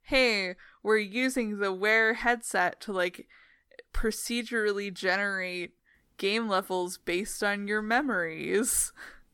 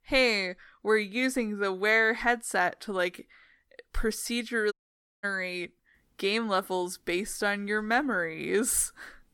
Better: first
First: none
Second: audio cutting out; at 4.5 s for 0.5 s

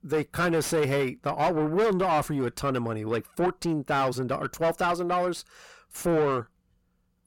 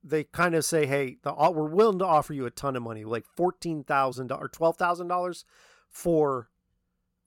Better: second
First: distortion; heavy; 7 dB below the speech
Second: none

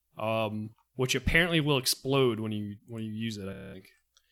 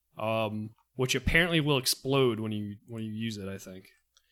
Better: second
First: audio freezing; at 3.5 s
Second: none

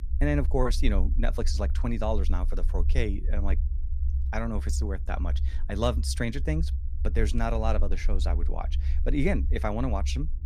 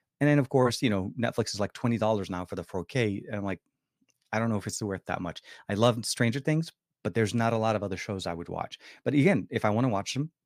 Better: second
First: low rumble; noticeable; throughout; 15 dB below the speech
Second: none

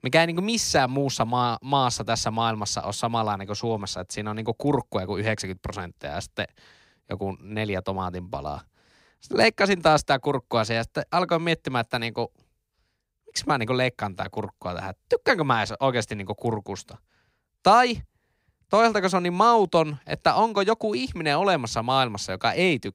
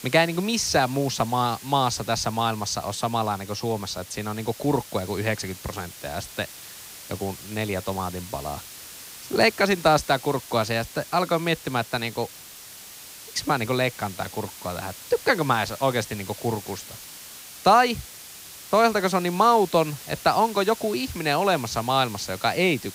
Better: first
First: none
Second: hiss; noticeable; throughout; 15 dB below the speech

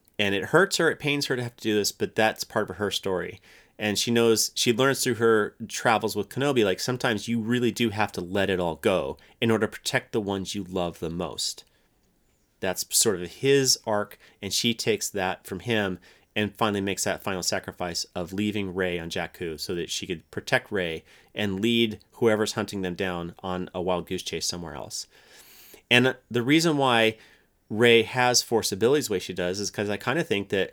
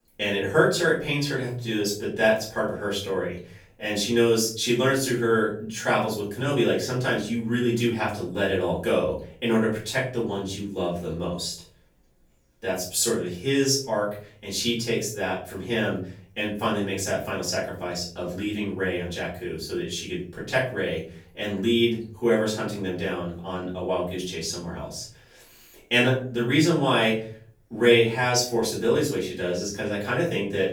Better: first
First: none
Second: off-mic speech; far // room echo; noticeable; dies away in 0.5 s

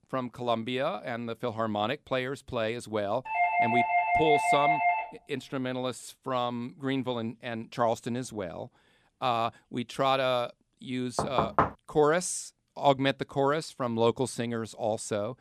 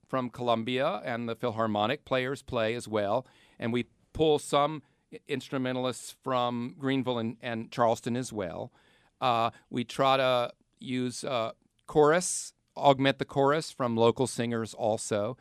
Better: second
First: doorbell; loud; from 3.5 to 5 s; peak 6 dB above the speech // door banging; loud; at 11 s; peak 4 dB above the speech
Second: none

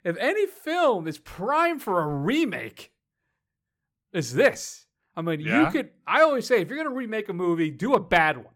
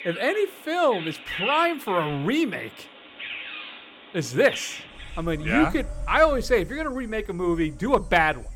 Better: first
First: none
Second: animal sounds; noticeable; throughout; 10 dB below the speech

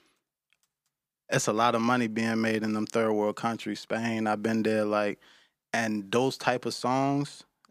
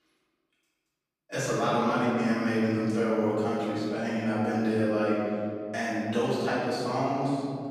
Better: first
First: none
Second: off-mic speech; far // room echo; strong; dies away in 2.9 s

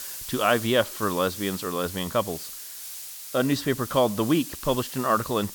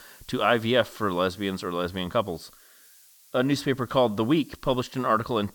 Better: second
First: hiss; loud; throughout; 10 dB below the speech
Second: hiss; faint; throughout; 25 dB below the speech

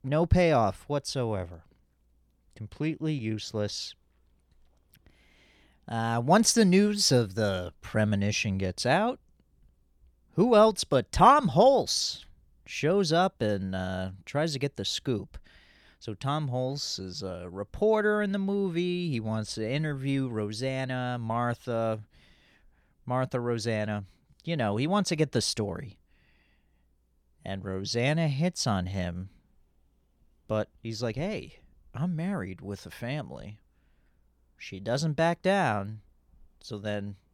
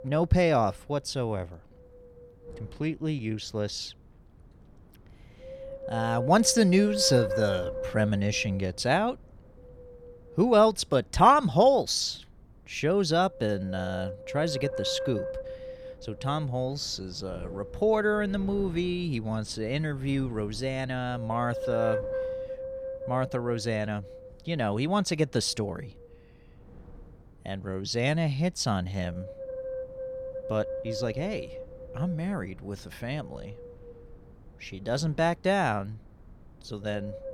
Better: first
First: none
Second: wind noise on the microphone; heavy; 9 dB below the speech

